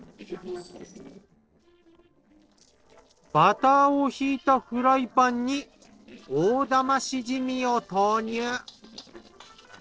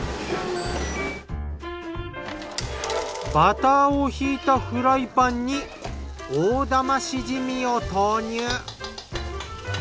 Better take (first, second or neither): second